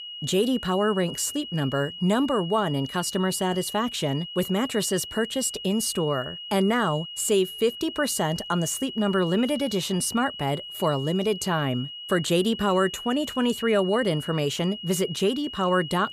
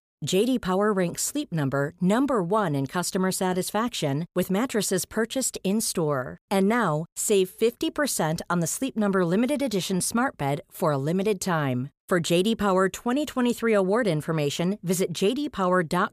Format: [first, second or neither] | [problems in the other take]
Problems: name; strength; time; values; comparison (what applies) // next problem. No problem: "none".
second | high-pitched whine; noticeable; throughout; 3 kHz, 10 dB below the speech